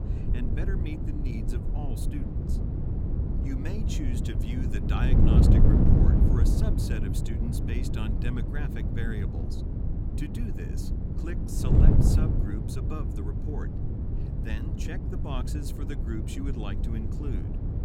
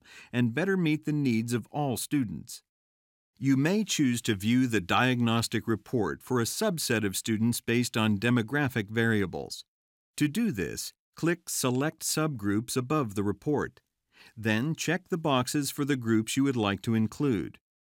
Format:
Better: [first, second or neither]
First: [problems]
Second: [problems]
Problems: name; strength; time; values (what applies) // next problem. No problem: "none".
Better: second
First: wind noise on the microphone; heavy; 3 dB above the speech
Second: none